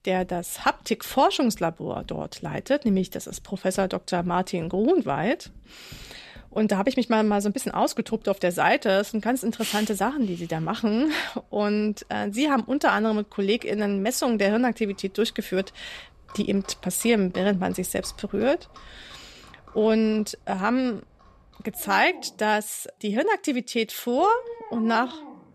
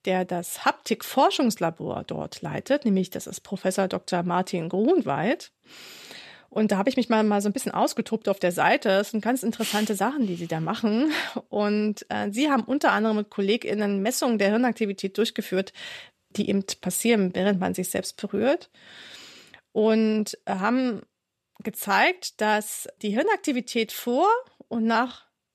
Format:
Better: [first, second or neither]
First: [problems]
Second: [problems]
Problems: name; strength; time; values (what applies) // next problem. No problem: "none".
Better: second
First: animal sounds; faint; throughout; 25 dB below the speech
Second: none